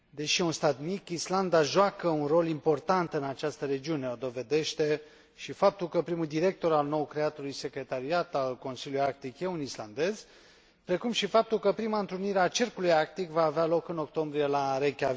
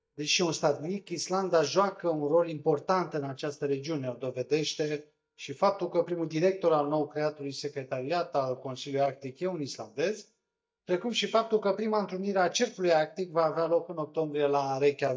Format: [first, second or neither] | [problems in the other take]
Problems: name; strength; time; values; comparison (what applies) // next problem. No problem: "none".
first | noise reduction (neural mask model DeepFilterNet 3)